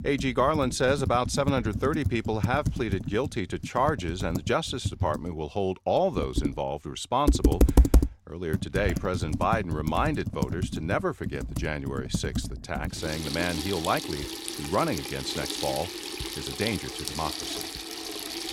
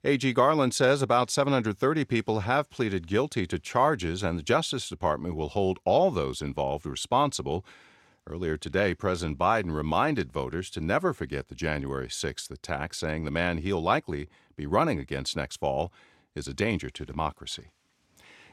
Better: second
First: household noises; loud; throughout; 2 dB below the speech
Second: none

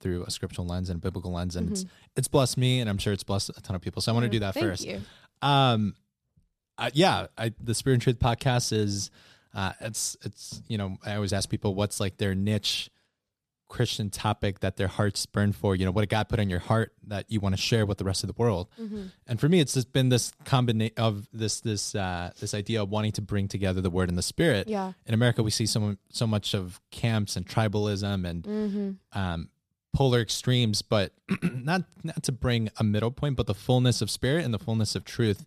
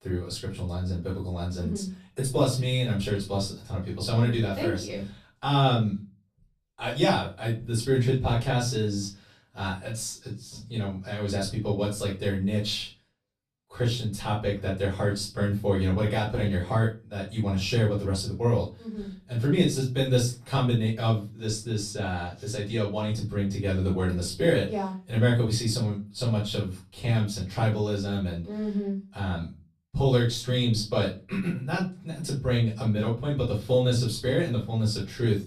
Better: first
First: none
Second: off-mic speech; far // room echo; slight; dies away in 0.3 s

